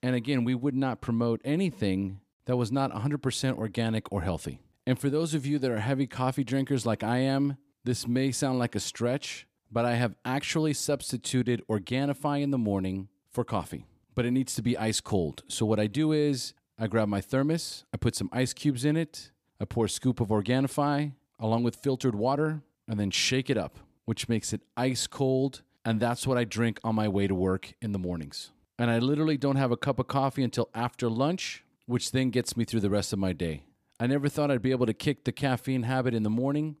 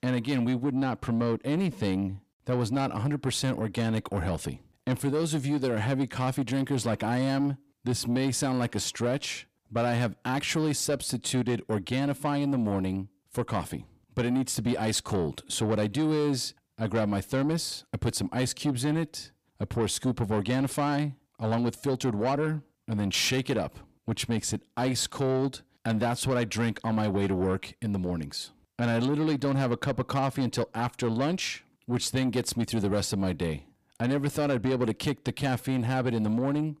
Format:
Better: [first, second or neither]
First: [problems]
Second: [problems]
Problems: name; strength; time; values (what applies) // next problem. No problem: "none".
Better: first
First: none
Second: distortion; slight; 10 dB below the speech